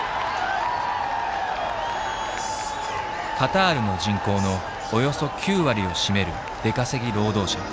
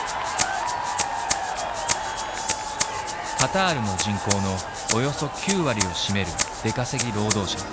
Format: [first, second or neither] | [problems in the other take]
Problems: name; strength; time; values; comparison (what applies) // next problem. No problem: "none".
first | background sound (Rattle (instrument)); 5 dB below the speech